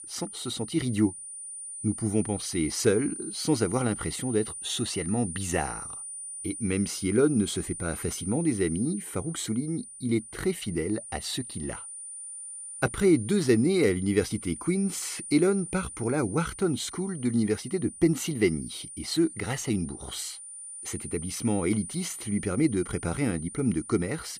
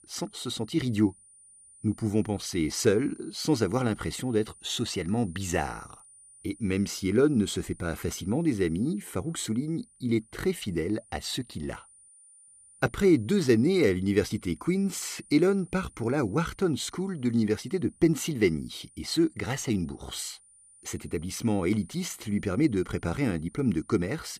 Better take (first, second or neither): second